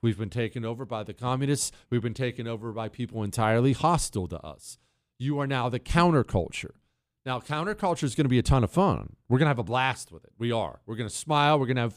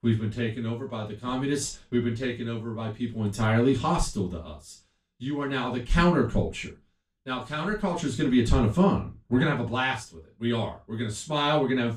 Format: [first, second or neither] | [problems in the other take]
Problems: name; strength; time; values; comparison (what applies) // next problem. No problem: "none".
first | room echo; slight; dies away in 0.2 s // off-mic speech; far